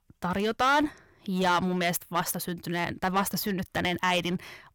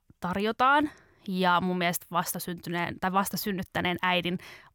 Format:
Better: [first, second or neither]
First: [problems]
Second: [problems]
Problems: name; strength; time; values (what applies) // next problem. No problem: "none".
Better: second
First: distortion; slight; 6% of the sound clipped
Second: none